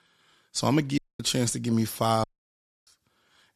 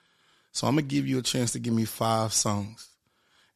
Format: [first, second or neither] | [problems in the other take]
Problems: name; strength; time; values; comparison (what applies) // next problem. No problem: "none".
second | audio cutting out; at 1 s and at 2 s for 0.5 s